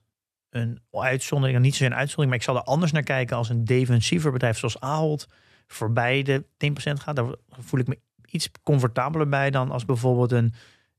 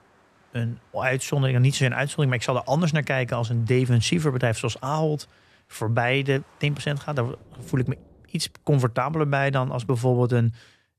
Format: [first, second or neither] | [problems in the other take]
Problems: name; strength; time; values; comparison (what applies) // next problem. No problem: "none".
first | rain or running water; faint; until 8.5 s; 30 dB below the speech